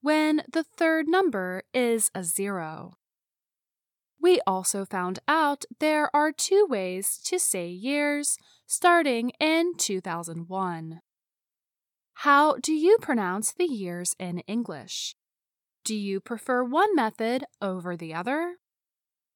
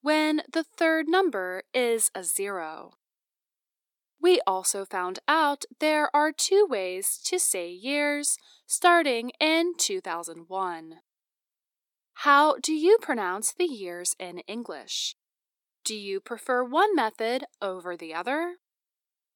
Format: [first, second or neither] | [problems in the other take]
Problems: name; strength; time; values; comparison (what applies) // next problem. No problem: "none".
first | thin; very slightly; fading below 300 Hz